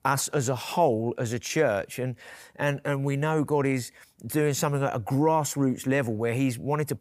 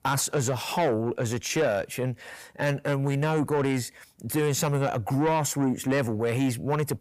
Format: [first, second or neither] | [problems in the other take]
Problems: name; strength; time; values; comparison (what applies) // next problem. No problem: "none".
first | distortion; slight; 10 dB below the speech